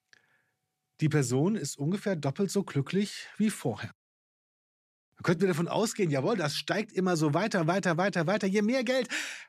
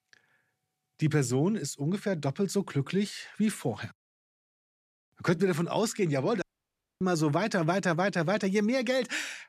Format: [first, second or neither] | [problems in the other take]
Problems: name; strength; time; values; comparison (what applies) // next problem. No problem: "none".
first | audio cutting out; at 6.5 s for 0.5 s